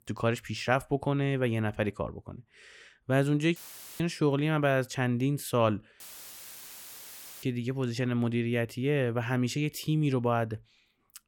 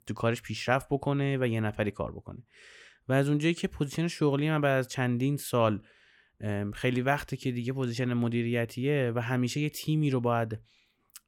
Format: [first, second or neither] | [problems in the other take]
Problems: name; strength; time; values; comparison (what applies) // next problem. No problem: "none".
second | audio cutting out; filled with static; at 3.5 s and at 6 s for 1.5 s